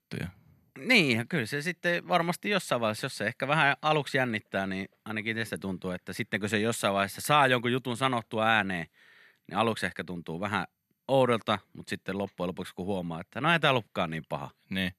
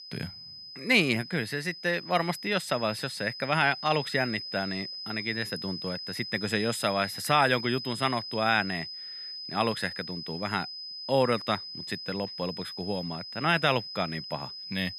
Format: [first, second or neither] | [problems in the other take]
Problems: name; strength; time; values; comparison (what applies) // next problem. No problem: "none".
first | high-pitched whine; loud; throughout; 5 kHz, 8 dB below the speech